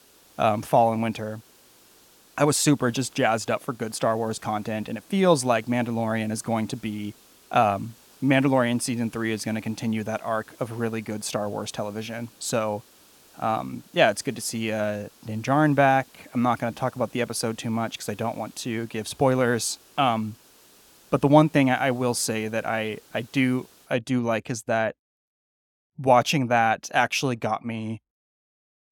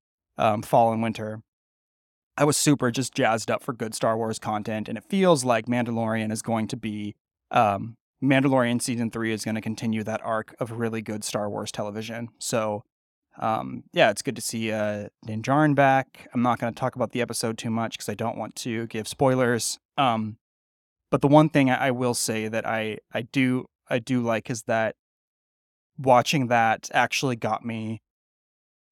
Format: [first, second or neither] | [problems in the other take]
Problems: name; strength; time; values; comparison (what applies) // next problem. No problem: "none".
second | hiss; faint; until 24 s; 25 dB below the speech